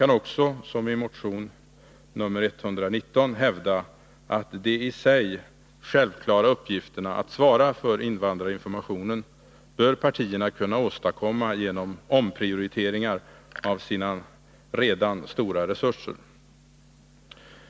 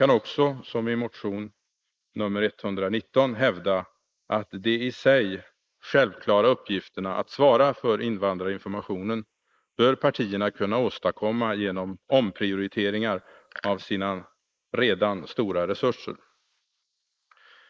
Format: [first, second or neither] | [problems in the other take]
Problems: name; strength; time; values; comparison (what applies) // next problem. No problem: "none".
first | noise reduction (neural mask model Resemble Enhance denoiser)